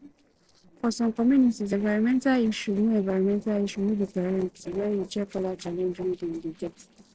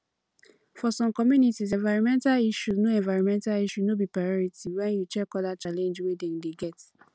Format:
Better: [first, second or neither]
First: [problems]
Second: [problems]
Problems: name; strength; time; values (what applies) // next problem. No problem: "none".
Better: second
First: noise reduction (neural separator model SepFormer DNS4)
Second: none